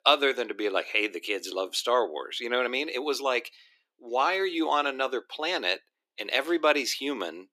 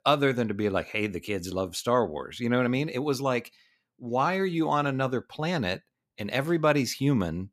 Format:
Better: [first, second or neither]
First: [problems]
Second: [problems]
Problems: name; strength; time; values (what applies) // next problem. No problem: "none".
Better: second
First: thin; somewhat; fading below 350 Hz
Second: none